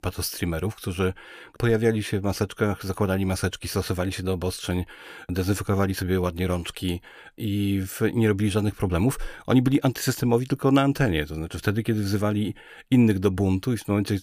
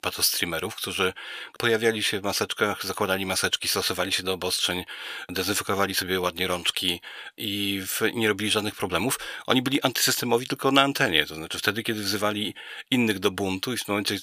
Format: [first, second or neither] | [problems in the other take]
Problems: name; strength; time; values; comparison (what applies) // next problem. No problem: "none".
first | thin; somewhat; fading below 1 kHz